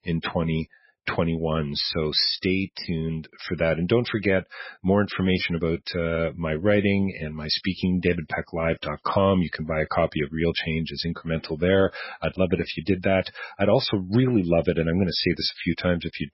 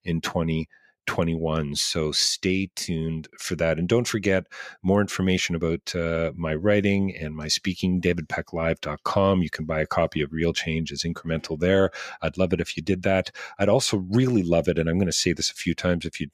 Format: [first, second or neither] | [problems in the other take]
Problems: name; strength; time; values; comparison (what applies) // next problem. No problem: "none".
second | garbled, watery; badly; nothing above 5.5 kHz